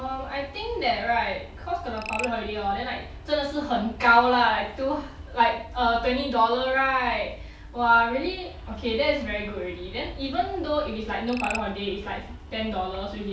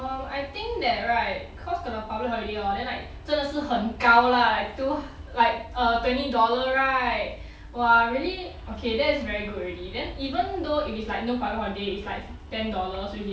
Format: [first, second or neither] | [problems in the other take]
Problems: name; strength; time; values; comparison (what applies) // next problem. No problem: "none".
second | background sound (Frog); 15 dB below the speech